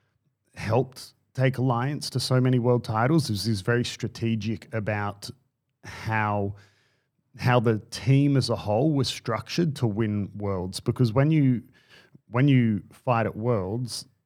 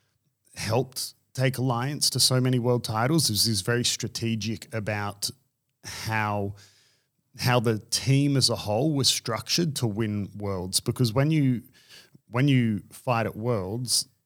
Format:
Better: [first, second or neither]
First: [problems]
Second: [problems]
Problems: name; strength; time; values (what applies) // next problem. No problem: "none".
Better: second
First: muffled; slightly; fading above 3.5 kHz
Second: none